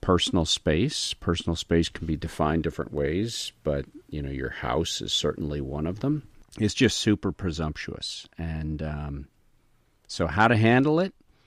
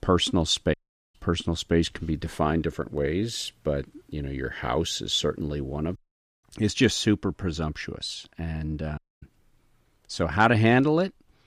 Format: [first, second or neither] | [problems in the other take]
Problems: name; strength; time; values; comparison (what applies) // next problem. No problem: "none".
first | audio cutting out; at 0.5 s, at 6 s and at 9 s